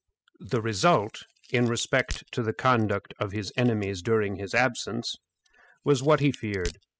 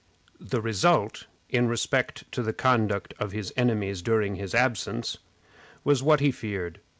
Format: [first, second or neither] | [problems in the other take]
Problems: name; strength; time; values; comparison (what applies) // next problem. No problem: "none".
second | noise reduction (classical method spectral subtraction)